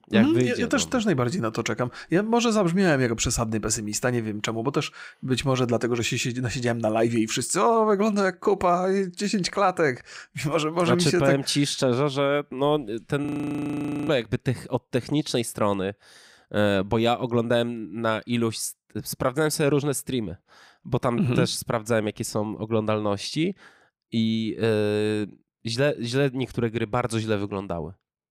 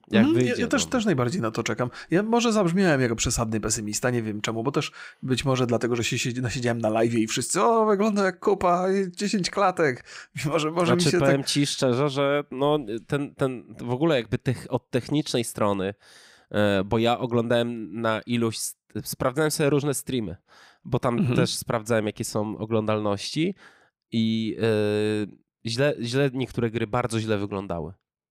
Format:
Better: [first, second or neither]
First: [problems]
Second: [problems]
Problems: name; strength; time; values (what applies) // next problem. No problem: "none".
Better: second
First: audio freezing; at 13 s for 1 s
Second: none